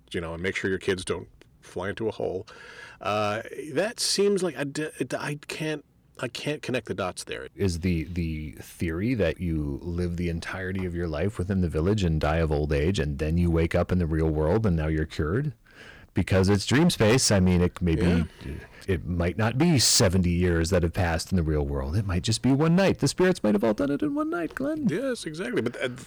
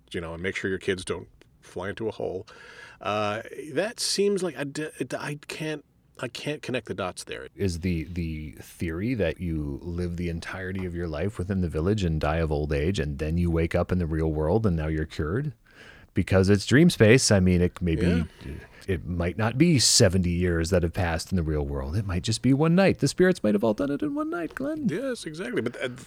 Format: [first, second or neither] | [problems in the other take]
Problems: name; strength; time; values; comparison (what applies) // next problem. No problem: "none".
second | distortion; slight; 4% of the sound clipped